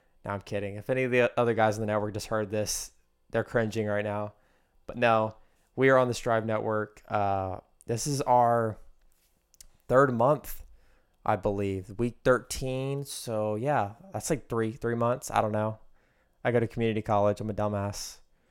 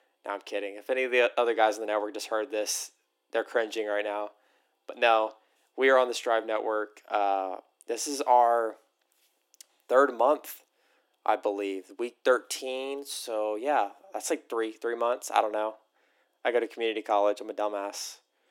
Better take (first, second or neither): first